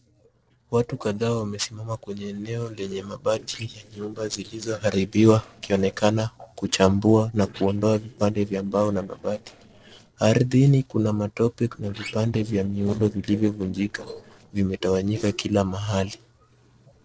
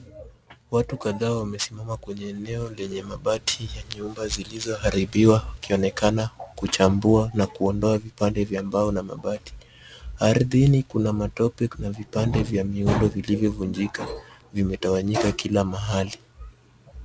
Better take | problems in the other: second | noise reduction (neural separator model SepFormer DNS4)

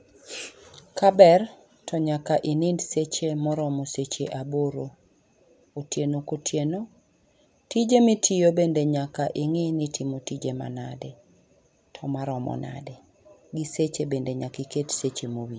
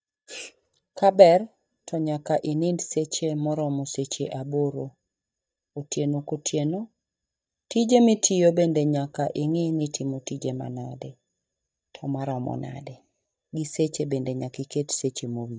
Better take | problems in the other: first | noise reduction (neural mask model DeepFilterNet 3)

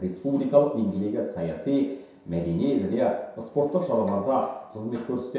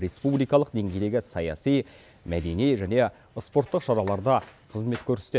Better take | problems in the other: second | room echo; dies away in 0.7 s

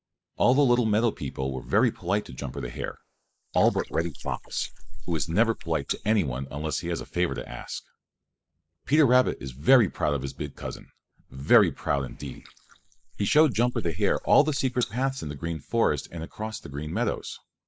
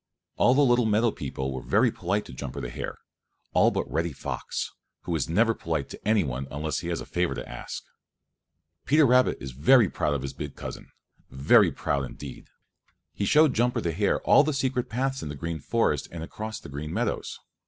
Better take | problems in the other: second | noise reduction (neural mask model Resemble Enhance denoiser)

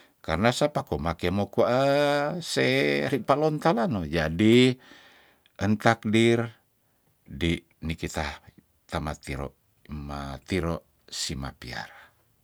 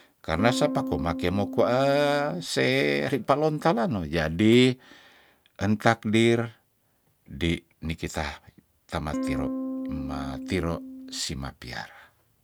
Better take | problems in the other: first | background sound (Electric guitar / Strum); 6 dB below the speech

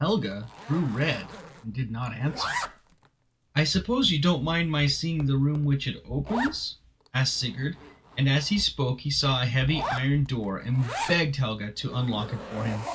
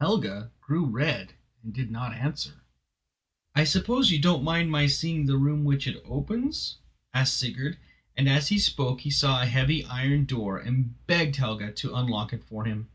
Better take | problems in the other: second | background sound (Zipper (clothing)); 13 dB below the speech

